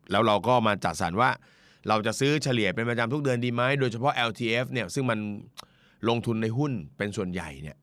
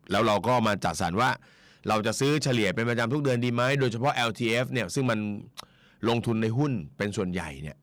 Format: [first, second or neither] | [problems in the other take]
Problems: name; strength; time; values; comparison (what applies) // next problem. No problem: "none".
first | distortion; slight; 5% of the sound clipped